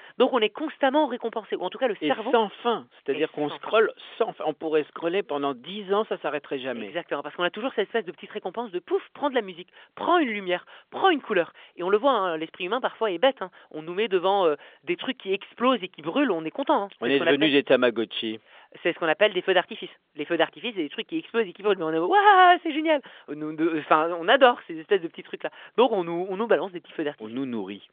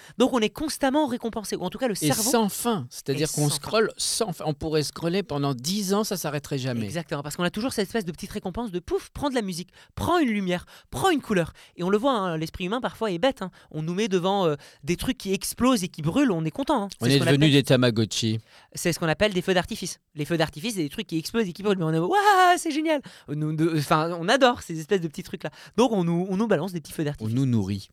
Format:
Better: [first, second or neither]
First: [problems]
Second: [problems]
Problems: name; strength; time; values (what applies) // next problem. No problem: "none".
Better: second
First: phone-call audio; nothing above 3.5 kHz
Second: none